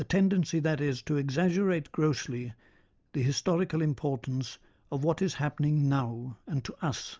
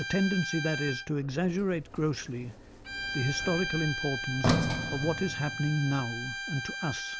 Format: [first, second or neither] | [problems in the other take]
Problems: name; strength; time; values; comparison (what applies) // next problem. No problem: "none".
first | background sound (Bowed string instrument + Sliding door); 3 dB below the speech